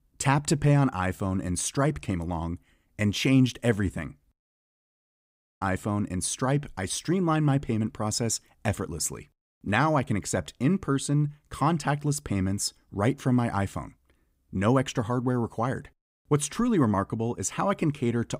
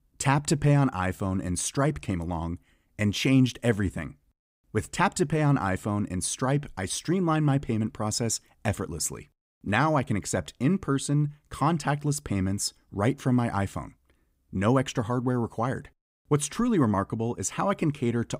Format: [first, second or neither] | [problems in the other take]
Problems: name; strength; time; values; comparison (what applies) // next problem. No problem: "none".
second | audio cutting out; at 4.5 s for 1 s